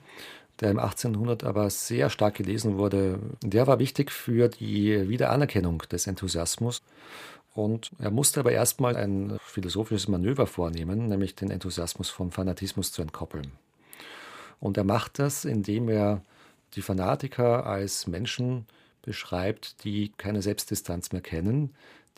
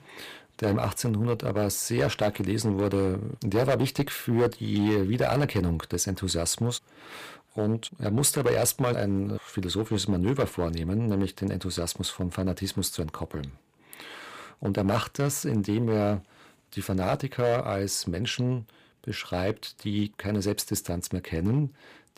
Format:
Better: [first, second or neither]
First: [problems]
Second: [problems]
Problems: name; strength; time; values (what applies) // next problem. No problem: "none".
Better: first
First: none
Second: distortion; slight; 3% of the sound clipped